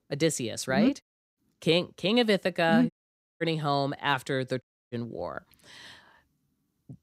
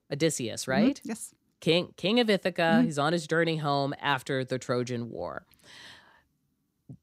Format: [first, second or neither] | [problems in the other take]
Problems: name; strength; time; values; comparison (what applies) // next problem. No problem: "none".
second | audio cutting out; at 1 s, at 3 s for 0.5 s and at 4.5 s